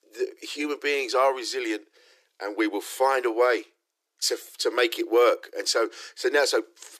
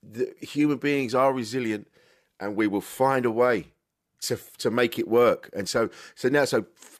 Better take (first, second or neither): second